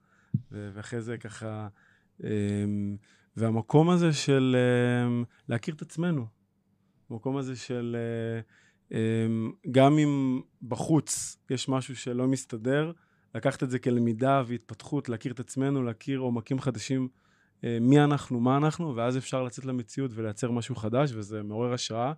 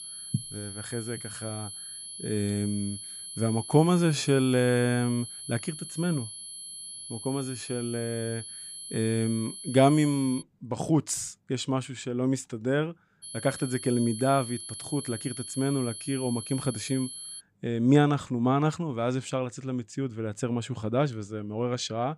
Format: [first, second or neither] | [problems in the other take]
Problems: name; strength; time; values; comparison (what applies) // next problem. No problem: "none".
first | high-pitched whine; loud; until 10 s and from 13 to 17 s; 11 kHz, 10 dB below the speech